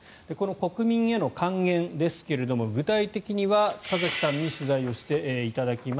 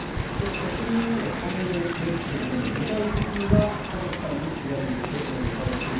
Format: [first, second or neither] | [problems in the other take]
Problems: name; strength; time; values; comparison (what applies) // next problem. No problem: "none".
first | background sound (Wind); 1 dB above the speech // room echo; dies away in 0.9 s